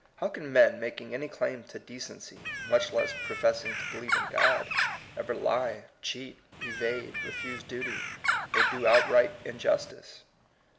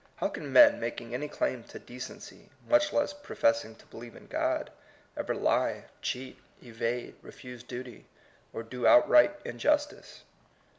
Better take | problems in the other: second | background sound (Bird); 2 dB below the speech

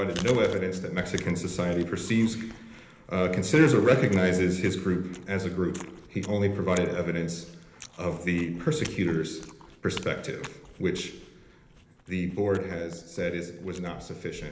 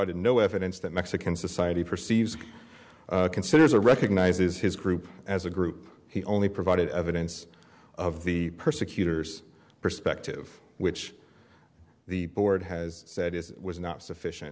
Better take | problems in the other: second | background sound (Chewing, mastication); 20 dB below the speech // room echo; dies away in 1 s

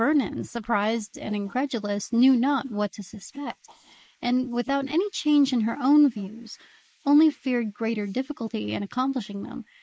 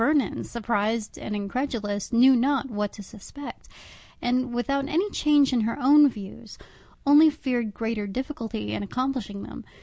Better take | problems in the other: second | noise reduction (neural mask model Resemble Enhance denoiser)

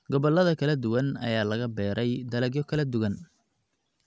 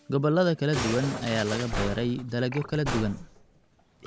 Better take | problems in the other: first | background sound (Musical instrument); 8 dB below the speech

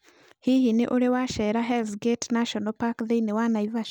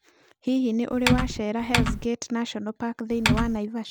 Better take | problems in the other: first | background sound (Typing); 2 dB above the speech

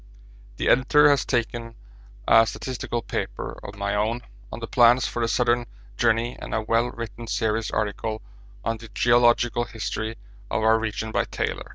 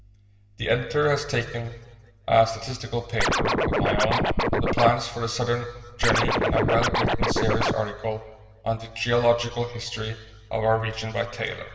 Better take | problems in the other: first | background sound (Scratching (performance technique)); 3 dB above the speech // room echo; dies away in 1.4 s

